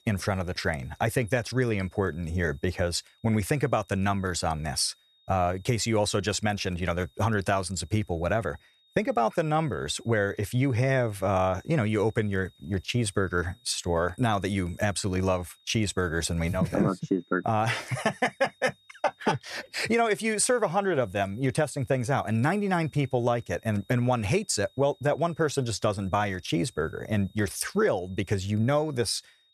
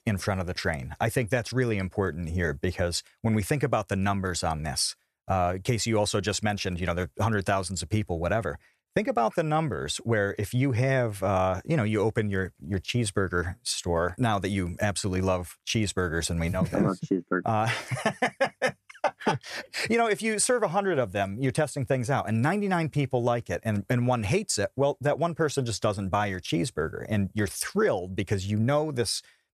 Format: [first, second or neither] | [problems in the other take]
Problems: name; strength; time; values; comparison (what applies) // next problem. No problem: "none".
second | high-pitched whine; faint; throughout; 3.5 kHz, 35 dB below the speech